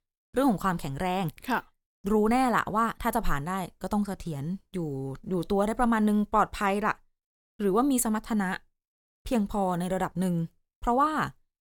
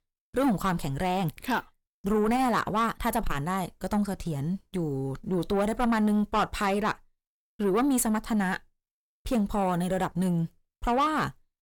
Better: first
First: none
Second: distortion; slight; 10 dB below the speech

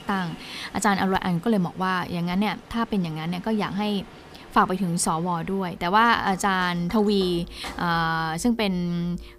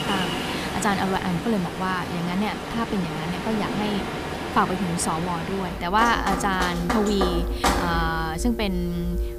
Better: first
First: rain or running water; faint; throughout; 20 dB below the speech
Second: rain or running water; loud; throughout; 3 dB below the speech

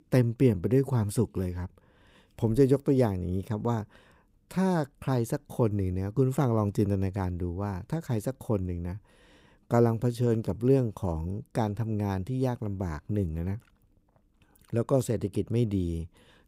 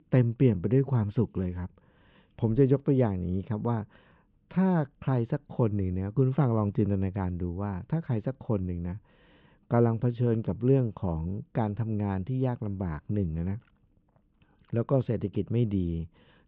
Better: first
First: none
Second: muffled; very; fading above 3 kHz

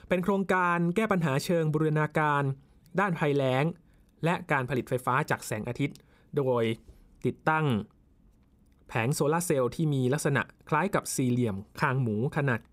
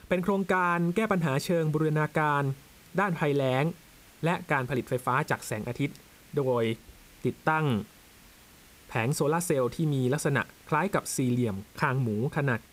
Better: first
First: none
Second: hiss; faint; throughout; 25 dB below the speech

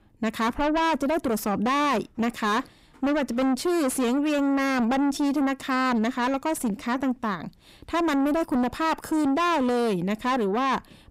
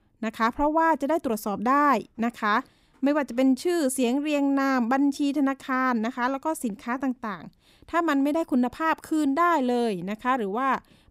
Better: second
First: distortion; heavy; 8 dB below the speech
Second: none

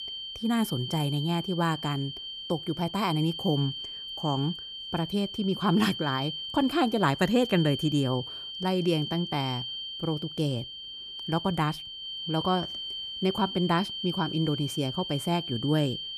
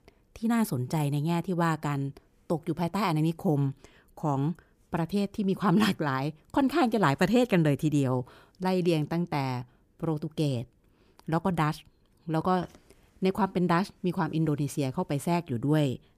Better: second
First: high-pitched whine; loud; throughout; 3 kHz, 7 dB below the speech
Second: none

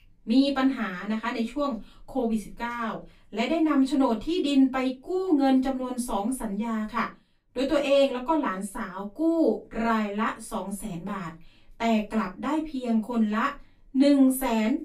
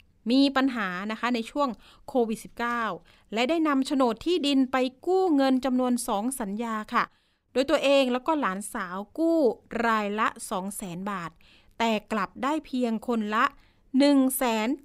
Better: second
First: off-mic speech; far // room echo; very slight; dies away in 0.2 s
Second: none

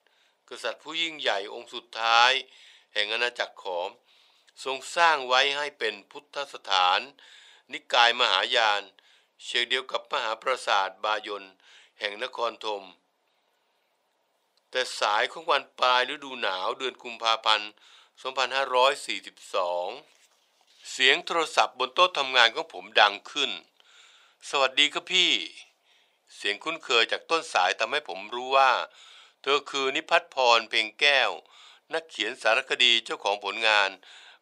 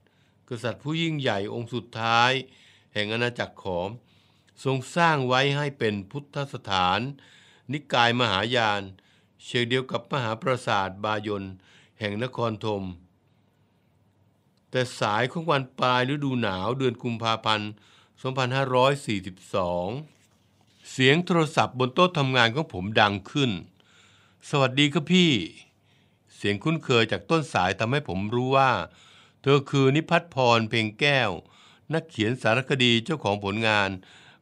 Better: second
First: thin; very; fading below 550 Hz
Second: none

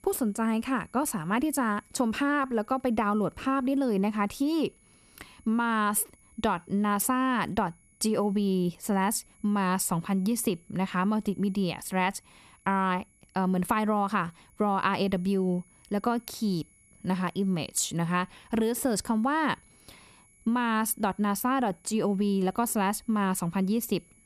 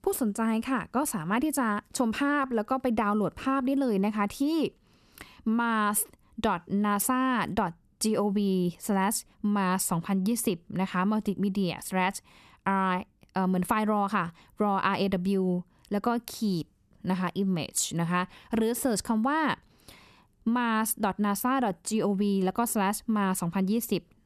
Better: second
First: high-pitched whine; faint; throughout; 11 kHz, 30 dB below the speech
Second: none

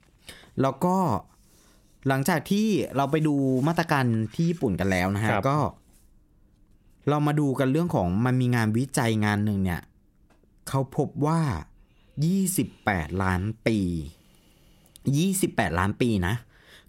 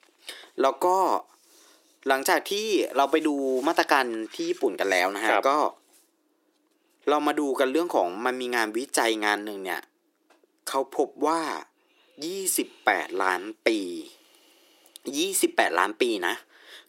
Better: first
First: none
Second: thin; very; fading below 350 Hz

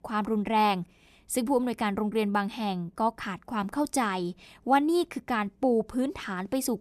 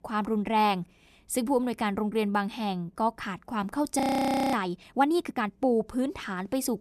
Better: first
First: none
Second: audio freezing; at 4 s for 0.5 s

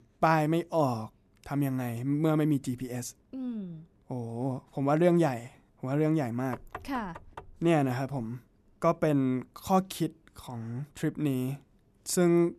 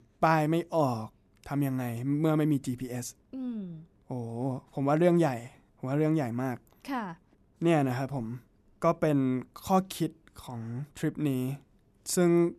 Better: second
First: door banging; faint; from 6.5 to 7.5 s; peak 15 dB below the speech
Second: none

